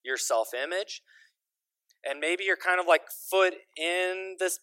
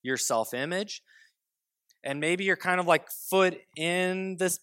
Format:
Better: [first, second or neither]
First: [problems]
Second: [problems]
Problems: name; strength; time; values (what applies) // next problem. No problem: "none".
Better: second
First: thin; very; fading below 350 Hz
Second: none